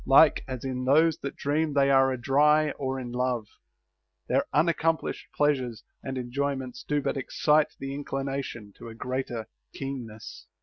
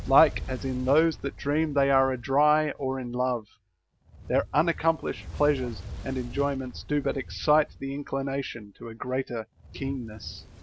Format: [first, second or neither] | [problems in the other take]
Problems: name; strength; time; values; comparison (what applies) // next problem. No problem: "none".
first | background sound (Fire); 14 dB below the speech